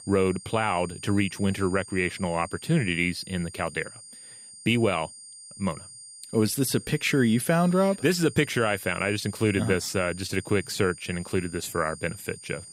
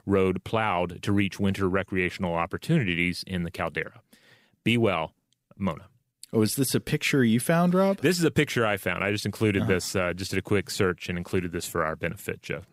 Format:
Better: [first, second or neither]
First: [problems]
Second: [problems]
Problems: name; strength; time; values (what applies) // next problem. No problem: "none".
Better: second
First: high-pitched whine; noticeable; throughout; 9 kHz, 15 dB below the speech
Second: none